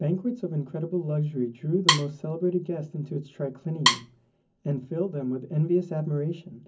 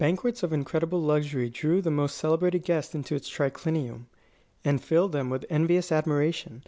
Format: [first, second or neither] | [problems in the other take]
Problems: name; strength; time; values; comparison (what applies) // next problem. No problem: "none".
second | background sound (Wood); 1 dB above the speech // room echo; dies away in 0.3 s